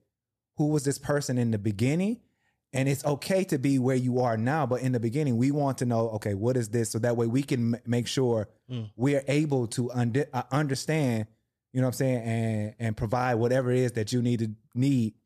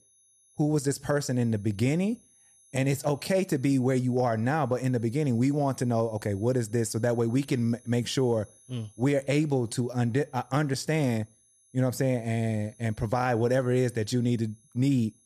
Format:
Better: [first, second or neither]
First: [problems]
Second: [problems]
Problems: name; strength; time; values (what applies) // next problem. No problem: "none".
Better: first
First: none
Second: high-pitched whine; faint; throughout; 10.5 kHz, 30 dB below the speech